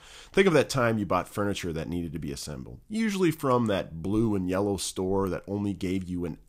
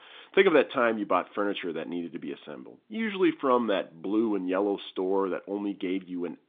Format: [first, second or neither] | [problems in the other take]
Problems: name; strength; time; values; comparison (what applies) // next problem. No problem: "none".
first | phone-call audio; nothing above 3.5 kHz